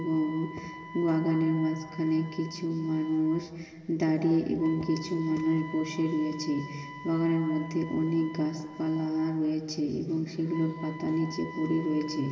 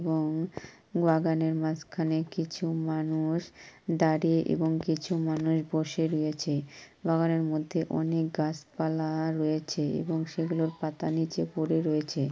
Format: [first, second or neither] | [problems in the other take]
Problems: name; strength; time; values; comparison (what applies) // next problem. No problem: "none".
second | background sound (Wind instrument, woodwind instrument); 17 dB below the speech // room echo; dies away in 2.5 s